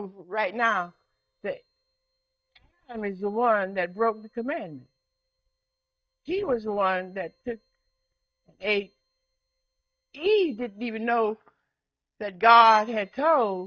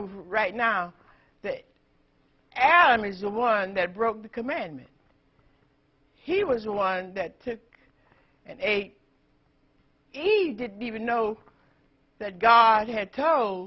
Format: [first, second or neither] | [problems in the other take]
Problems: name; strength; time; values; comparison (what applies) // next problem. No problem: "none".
second | noise reduction (neural mask model DeepFilterNet 3)